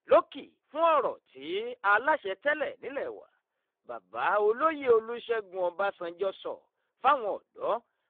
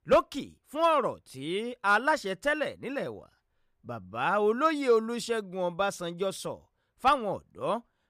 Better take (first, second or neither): second